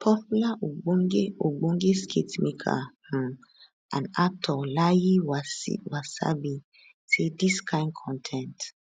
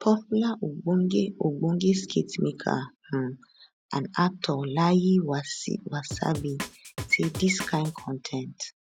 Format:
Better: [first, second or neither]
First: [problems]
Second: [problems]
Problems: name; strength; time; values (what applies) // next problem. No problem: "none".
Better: first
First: none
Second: background sound (Drum); 11 dB below the speech